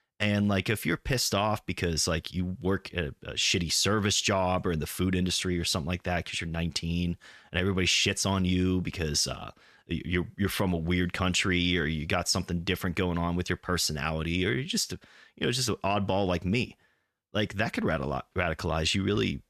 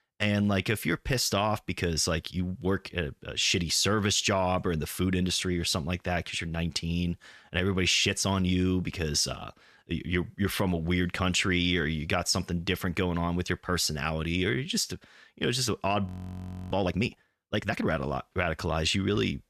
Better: first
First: none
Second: audio freezing; at 16 s for 0.5 s

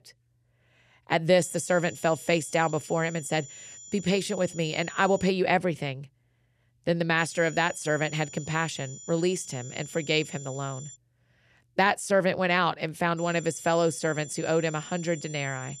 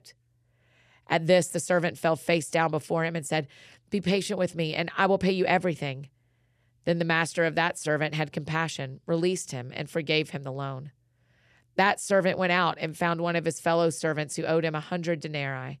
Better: second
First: high-pitched whine; noticeable; from 1.5 to 5.5 s, from 7 to 11 s and from 13 s on; 7 kHz, 15 dB below the speech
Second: none

